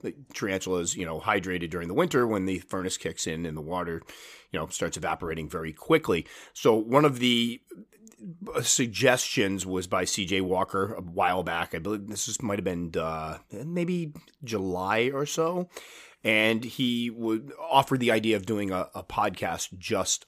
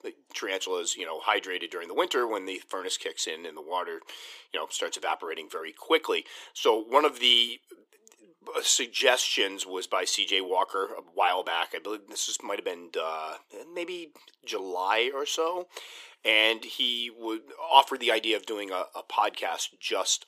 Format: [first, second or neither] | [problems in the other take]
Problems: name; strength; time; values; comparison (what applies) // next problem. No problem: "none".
first | thin; very; fading below 350 Hz